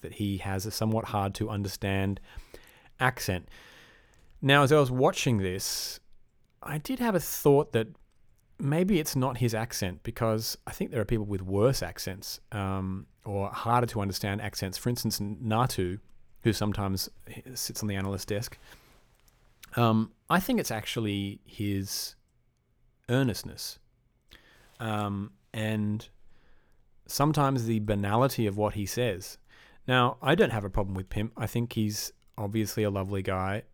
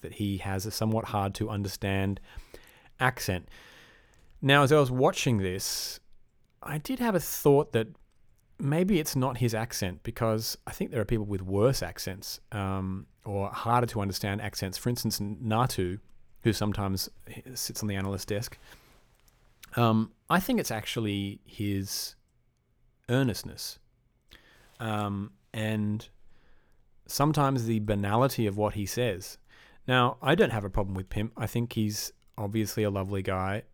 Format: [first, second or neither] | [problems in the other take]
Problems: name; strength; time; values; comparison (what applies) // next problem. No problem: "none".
neither | none